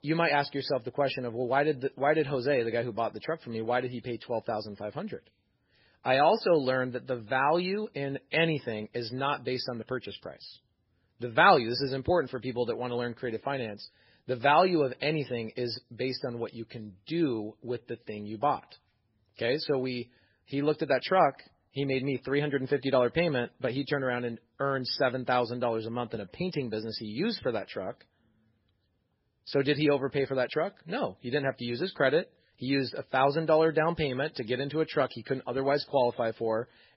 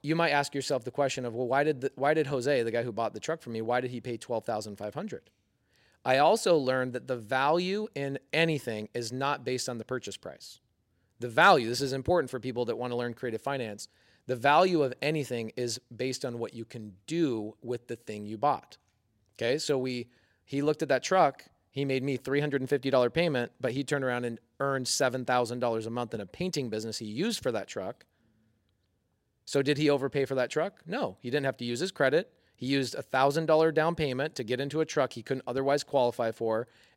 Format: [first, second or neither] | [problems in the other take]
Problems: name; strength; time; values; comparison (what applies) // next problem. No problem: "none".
second | garbled, watery; badly; nothing above 5.5 kHz